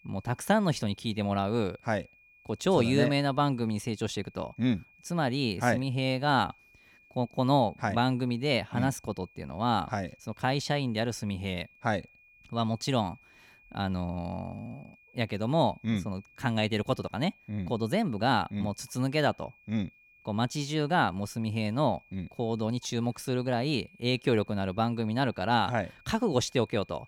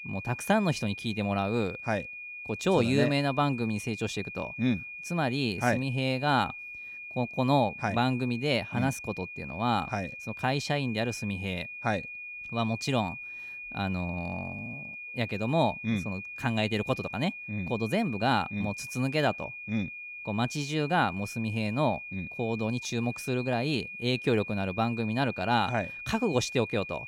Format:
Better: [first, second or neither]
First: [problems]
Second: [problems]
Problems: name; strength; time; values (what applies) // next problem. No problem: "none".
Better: first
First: high-pitched whine; faint; throughout; 2.5 kHz, 30 dB below the speech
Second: high-pitched whine; loud; throughout; 2.5 kHz, 9 dB below the speech